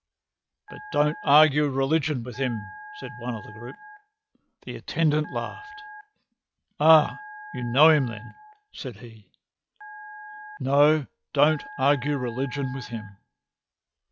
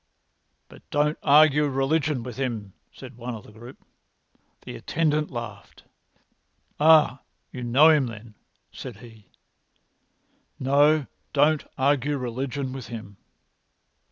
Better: second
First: noise reduction (classical method log-MMSE)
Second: none

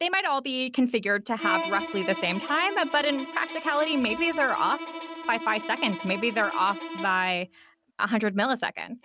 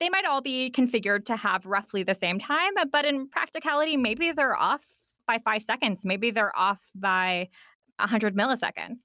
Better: second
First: background sound (Bowed string instrument); 10 dB below the speech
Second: none

